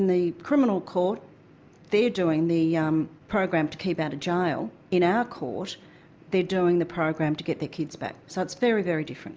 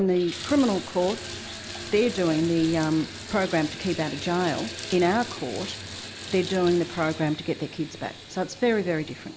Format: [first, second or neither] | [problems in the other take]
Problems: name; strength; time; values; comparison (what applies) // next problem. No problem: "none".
first | background sound (Bathtub (filling or washing) / Water tap, faucet); 12 dB below the speech